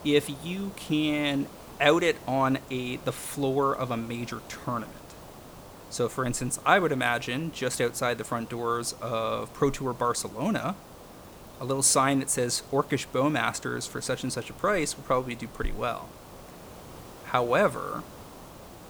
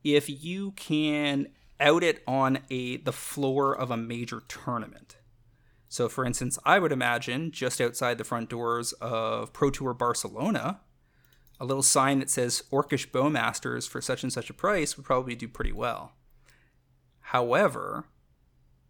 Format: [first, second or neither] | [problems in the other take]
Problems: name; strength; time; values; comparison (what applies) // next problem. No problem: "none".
second | hiss; noticeable; throughout; 20 dB below the speech